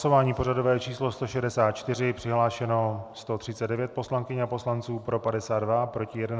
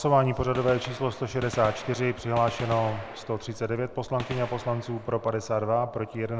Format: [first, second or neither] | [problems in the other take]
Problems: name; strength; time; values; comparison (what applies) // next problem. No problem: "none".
first | background sound (Gunshot, gunfire); 14 dB below the speech